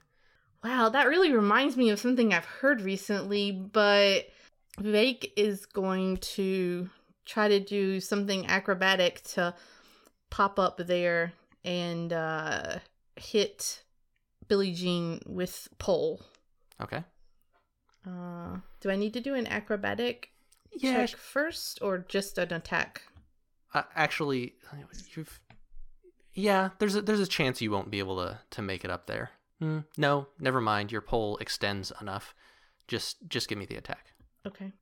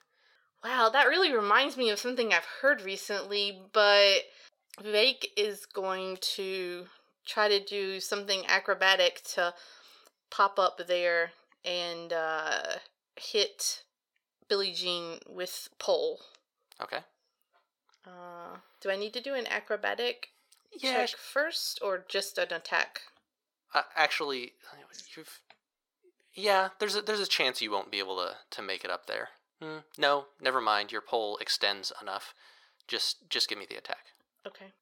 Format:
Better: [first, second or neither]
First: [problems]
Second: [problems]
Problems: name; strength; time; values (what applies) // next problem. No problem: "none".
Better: first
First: none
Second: thin; very; fading below 550 Hz